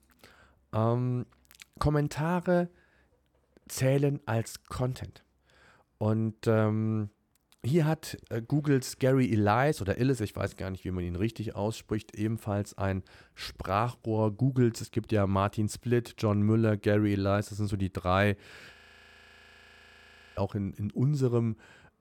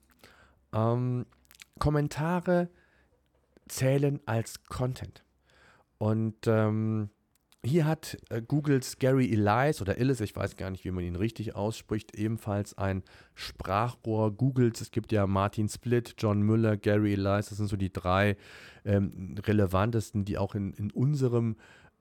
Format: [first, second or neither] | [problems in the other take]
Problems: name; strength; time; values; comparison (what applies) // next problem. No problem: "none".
second | audio freezing; at 19 s for 1.5 s